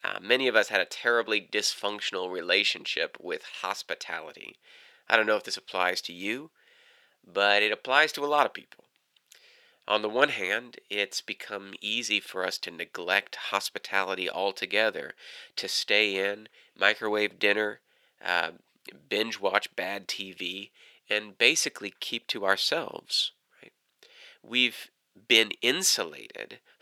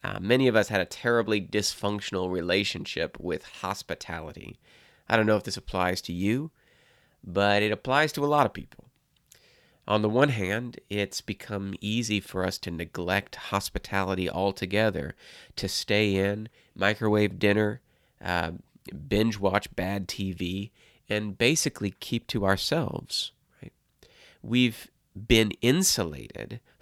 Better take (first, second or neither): second